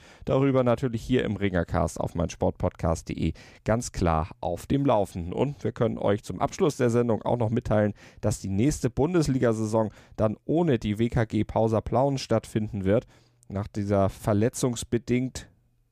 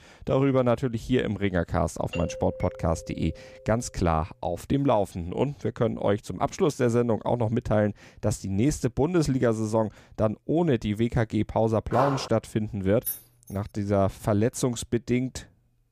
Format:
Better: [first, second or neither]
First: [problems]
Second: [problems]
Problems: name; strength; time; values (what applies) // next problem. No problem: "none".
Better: first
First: none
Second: doorbell; noticeable; from 2 to 3.5 s; peak 10 dB below the speech // footsteps; noticeable; at 12 s; peak 4 dB below the speech // jangling keys; noticeable; at 13 s; peak 6 dB below the speech